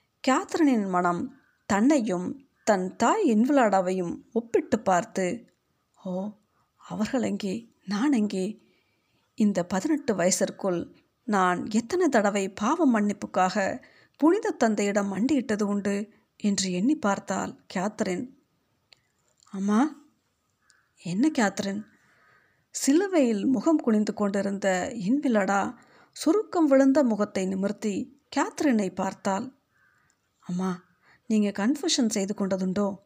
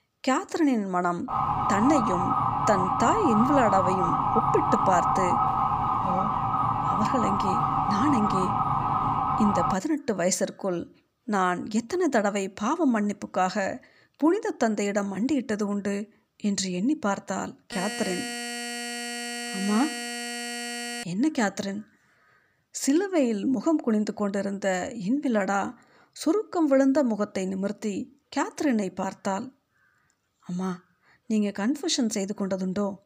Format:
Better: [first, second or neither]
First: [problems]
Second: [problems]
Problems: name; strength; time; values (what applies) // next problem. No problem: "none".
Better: first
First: none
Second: siren; loud; from 1.5 to 9.5 s; peak 3 dB above the speech // alarm; noticeable; from 18 to 21 s; peak 5 dB below the speech